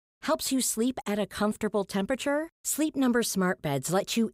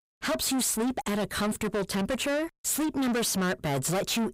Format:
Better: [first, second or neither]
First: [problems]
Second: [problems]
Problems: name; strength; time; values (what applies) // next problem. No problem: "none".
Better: first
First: none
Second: distortion; heavy; 6 dB below the speech